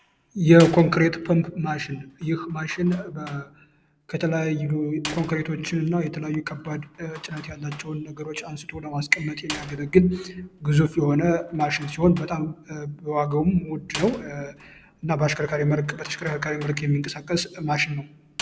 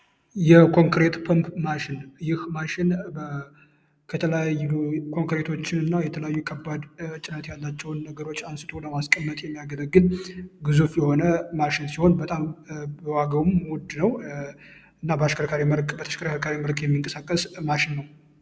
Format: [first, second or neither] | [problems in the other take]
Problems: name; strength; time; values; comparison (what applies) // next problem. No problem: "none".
second | background sound (Slam); 19 dB below the speech